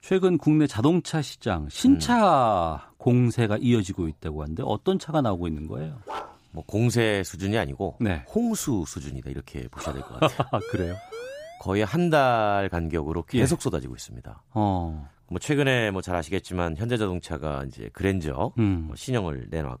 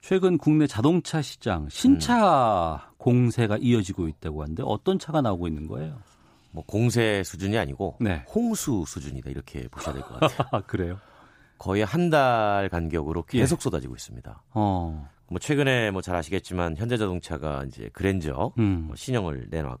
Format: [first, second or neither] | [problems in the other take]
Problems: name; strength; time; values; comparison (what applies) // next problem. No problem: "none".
second | dog barking; faint; at 6 s; peak 10 dB below the speech // siren; faint; from 11 to 12 s; peak 15 dB below the speech